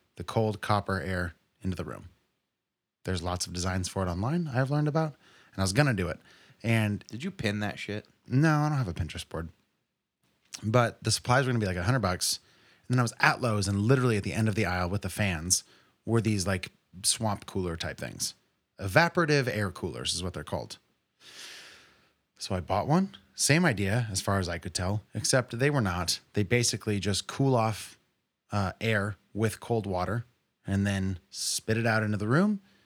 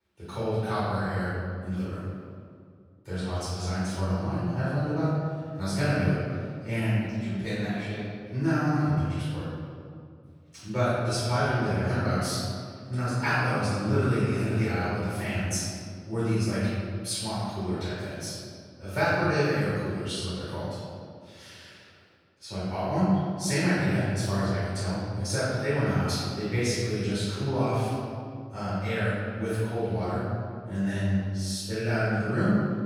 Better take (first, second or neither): first